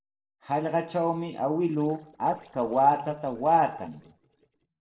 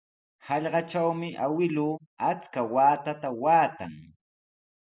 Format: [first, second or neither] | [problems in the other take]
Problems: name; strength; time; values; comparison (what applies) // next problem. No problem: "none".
second | noise reduction (neural separator model SepFormer DNS4)